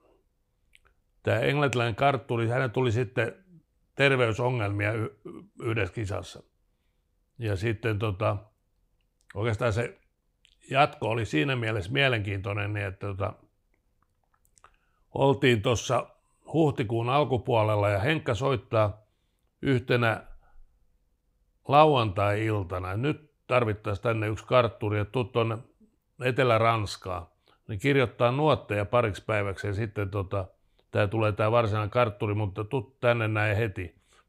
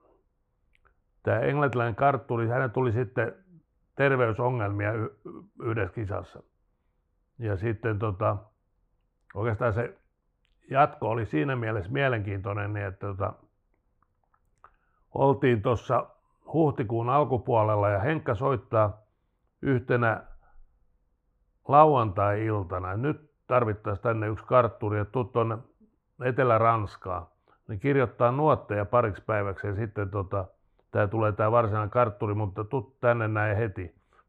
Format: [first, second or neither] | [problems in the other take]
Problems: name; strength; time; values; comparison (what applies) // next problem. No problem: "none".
first | muffled; very; fading above 2.5 kHz